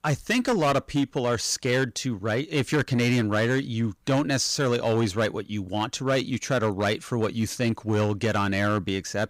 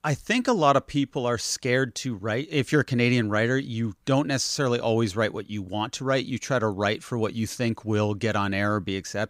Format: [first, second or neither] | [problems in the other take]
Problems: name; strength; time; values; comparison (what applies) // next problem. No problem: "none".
second | distortion; slight; 8% of the sound clipped